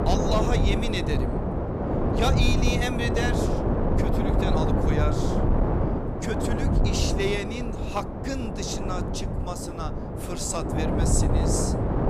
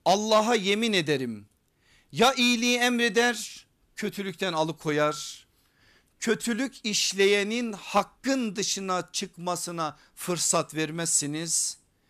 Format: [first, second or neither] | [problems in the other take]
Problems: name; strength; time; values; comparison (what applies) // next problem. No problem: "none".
second | wind noise on the microphone; heavy; as loud as the speech